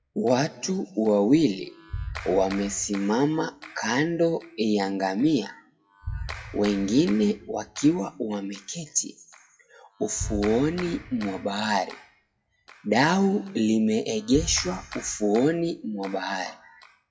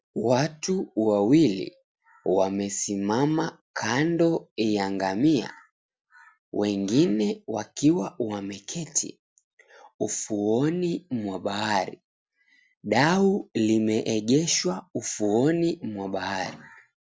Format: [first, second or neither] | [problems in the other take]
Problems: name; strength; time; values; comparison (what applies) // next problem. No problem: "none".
second | noise reduction (classical method WPE with log-MMSE)